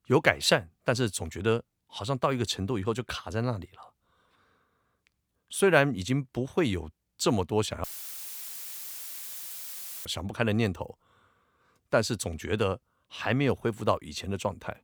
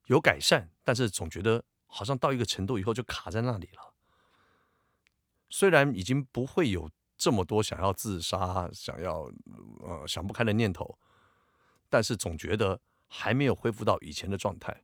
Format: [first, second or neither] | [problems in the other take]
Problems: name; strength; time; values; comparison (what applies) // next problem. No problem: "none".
second | audio cutting out; filled with static; at 8 s for 2 s